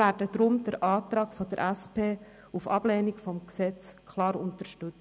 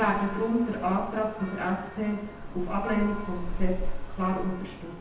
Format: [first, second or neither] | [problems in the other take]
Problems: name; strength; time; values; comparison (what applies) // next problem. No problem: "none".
first | background sound (Church bell); 3 dB below the speech // room echo; dies away in 0.9 s